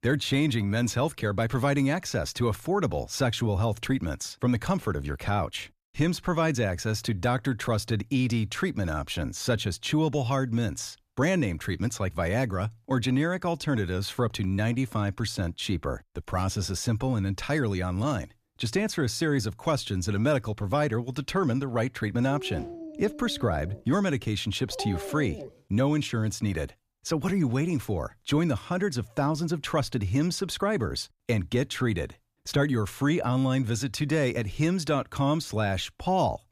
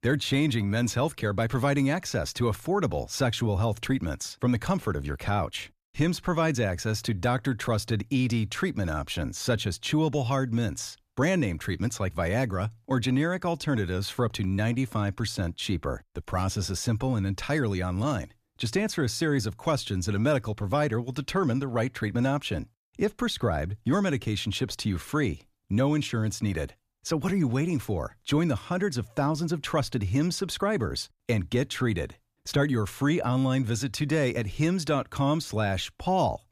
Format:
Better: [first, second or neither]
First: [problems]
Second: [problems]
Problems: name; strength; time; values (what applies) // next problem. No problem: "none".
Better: second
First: dog barking; noticeable; from 22 to 25 s; peak 8 dB below the speech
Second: none